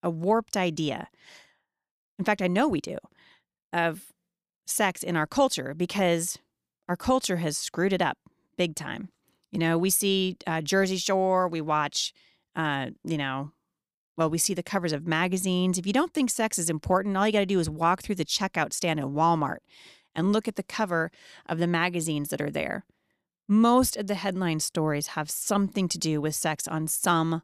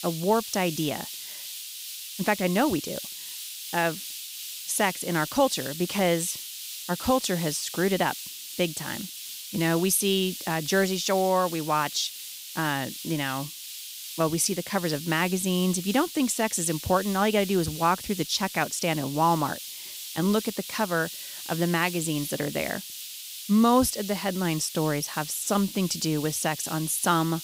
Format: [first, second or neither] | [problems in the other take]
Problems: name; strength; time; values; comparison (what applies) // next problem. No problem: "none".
first | hiss; loud; throughout; 9 dB below the speech